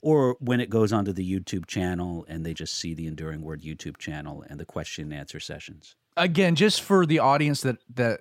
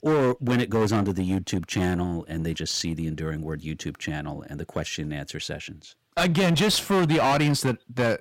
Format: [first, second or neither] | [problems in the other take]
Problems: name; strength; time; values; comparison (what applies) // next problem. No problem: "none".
first | distortion; heavy; 13% of the sound clipped